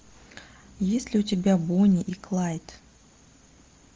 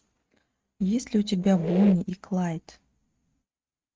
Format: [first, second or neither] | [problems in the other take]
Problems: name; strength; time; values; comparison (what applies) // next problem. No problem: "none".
first | noise reduction (neural mask model RNNoise)